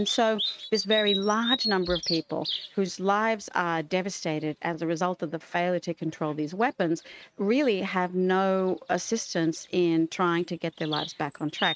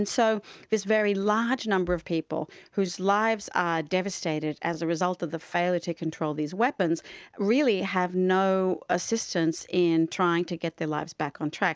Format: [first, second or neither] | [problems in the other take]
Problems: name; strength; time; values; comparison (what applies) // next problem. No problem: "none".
second | noise reduction (neural mask model RNNoise)